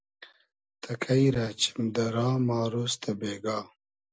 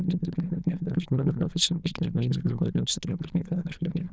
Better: first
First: none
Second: noise reduction (neural diffusion model UNIVERSE++)

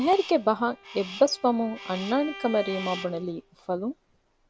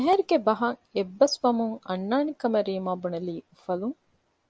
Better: second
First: background sound (Crow + Bowed string instrument); 15 dB below the speech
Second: none

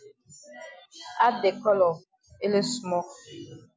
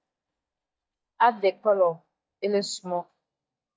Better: first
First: none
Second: noise reduction (neural mask model DeepFilterNet 3)

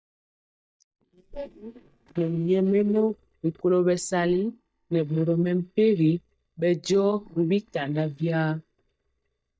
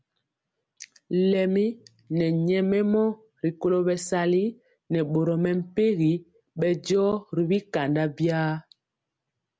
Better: second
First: noise reduction (neural mask model DeepFilterNet 3)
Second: none

